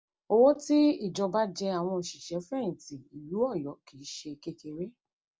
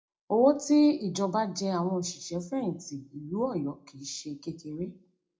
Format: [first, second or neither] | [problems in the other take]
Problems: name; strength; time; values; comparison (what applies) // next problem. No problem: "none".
first | room echo; dies away in 0.2 s